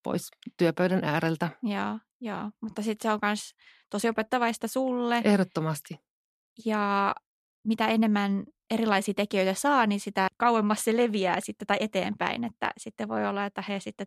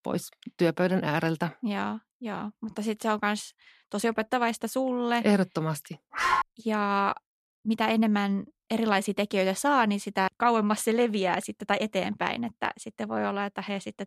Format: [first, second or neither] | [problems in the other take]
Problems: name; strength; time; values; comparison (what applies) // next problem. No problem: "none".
first | dog barking; loud; at 6 s; peak 2 dB above the speech